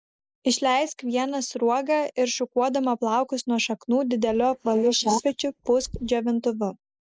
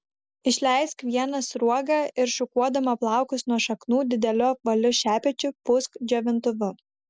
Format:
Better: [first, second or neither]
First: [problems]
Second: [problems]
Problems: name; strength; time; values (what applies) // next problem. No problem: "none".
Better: second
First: noise reduction (neural mask model Resemble Enhance denoiser)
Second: none